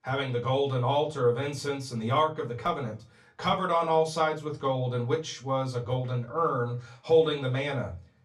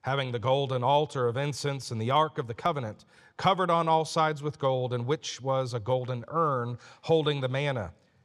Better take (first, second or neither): second